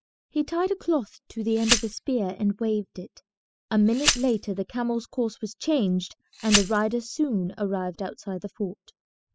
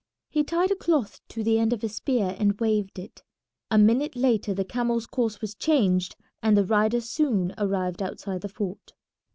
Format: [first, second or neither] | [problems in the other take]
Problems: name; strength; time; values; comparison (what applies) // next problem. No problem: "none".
second | noise reduction (classical method spectral subtraction)